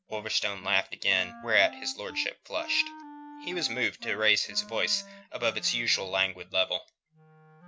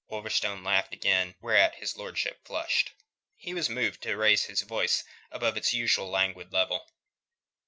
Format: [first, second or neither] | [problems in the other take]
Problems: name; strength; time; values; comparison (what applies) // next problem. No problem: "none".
second | background sound (Wind instrument, woodwind instrument); 18 dB below the speech